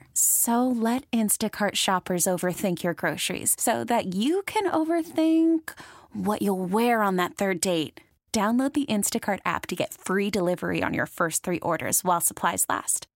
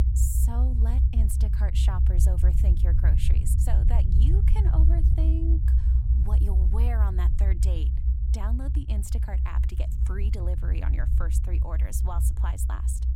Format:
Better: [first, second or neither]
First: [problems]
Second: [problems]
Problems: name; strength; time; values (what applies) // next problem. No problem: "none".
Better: first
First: none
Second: low rumble; loud; throughout; 2 dB below the speech